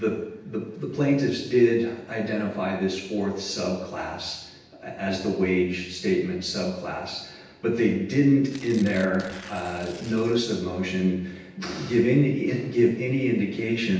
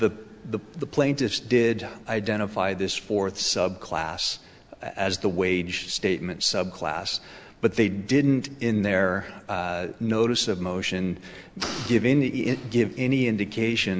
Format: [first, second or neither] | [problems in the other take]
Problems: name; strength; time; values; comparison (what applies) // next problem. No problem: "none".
second | background sound (Tearing); 20 dB below the speech // room echo; dies away in 0.9 s